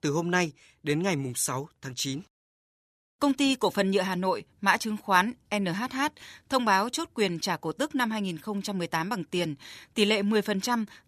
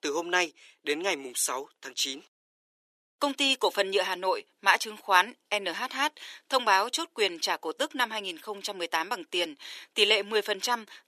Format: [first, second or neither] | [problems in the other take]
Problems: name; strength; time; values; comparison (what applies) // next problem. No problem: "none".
first | thin; somewhat; fading below 350 Hz